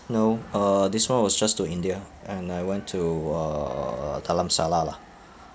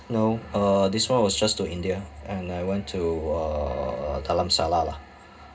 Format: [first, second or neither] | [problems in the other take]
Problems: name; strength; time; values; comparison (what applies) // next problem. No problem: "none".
first | room echo; dies away in 0.2 s